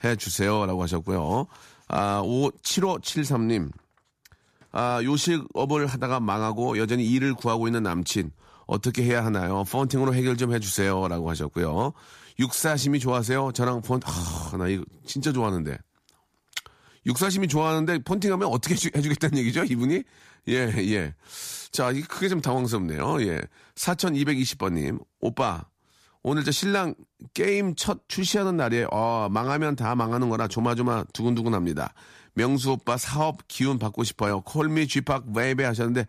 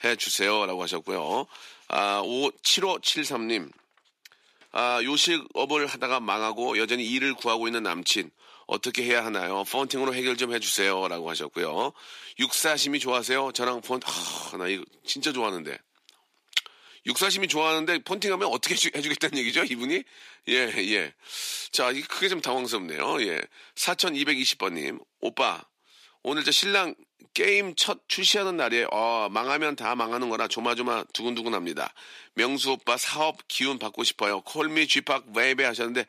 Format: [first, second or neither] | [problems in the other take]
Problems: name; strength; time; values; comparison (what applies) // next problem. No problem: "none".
first | thin; somewhat; fading below 300 Hz